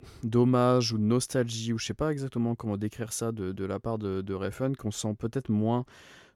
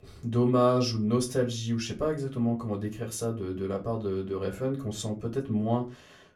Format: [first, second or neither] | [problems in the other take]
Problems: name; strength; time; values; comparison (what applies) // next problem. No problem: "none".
first | off-mic speech; somewhat distant // room echo; very slight; dies away in 0.2 s